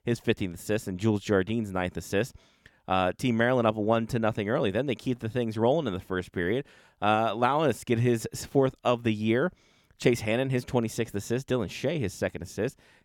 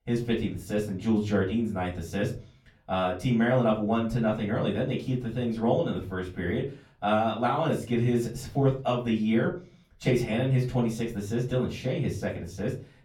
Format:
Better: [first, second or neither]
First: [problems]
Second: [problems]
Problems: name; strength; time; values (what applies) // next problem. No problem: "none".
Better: first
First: none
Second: off-mic speech; far // room echo; very slight; dies away in 0.4 s